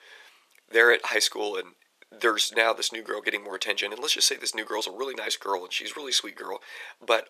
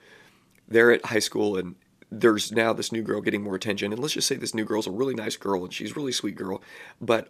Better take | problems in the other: second | thin; very; fading below 550 Hz

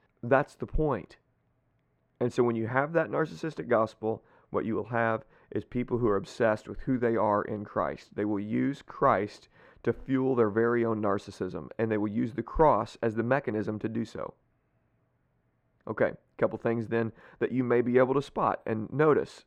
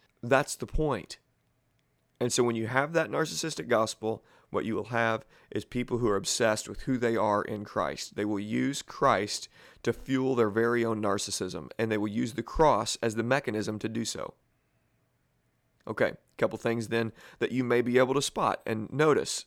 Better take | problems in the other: second | muffled; very; fading above 3 kHz

